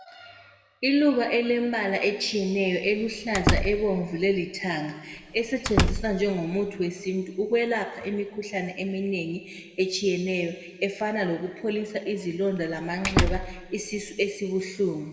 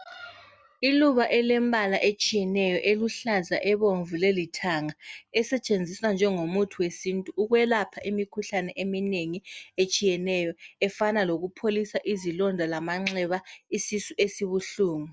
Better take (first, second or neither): second